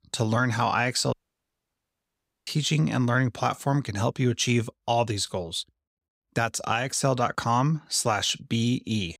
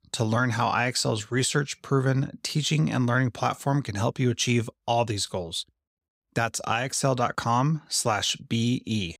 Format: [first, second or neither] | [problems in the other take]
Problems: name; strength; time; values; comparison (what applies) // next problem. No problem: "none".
second | audio cutting out; at 1 s for 1.5 s